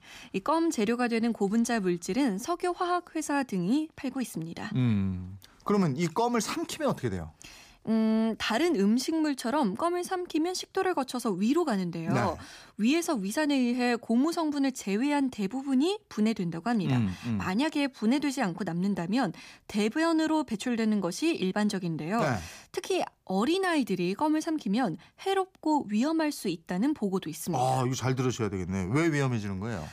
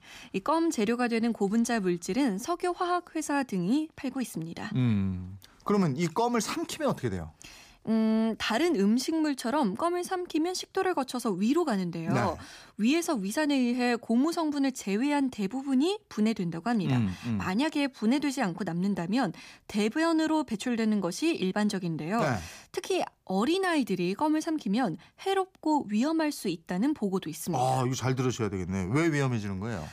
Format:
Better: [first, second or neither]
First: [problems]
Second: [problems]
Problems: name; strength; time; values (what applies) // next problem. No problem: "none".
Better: neither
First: none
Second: none